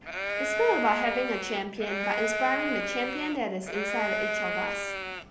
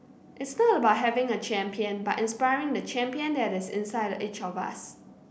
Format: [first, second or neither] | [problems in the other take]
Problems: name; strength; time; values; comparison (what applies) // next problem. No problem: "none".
second | background sound (Livestock, farm animals, working animals); 1 dB below the speech